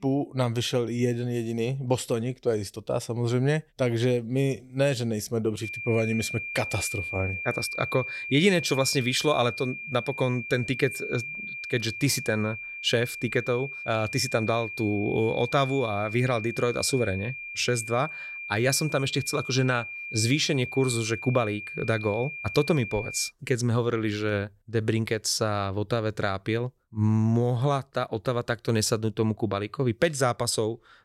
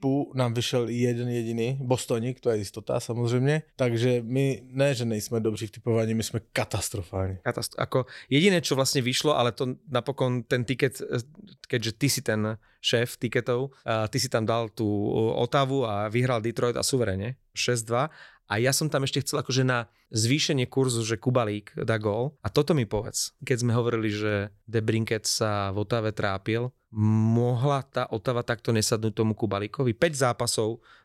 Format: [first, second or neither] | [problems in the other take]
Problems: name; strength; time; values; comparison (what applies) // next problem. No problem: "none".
second | high-pitched whine; loud; from 5.5 to 23 s; 2.5 kHz, 7 dB below the speech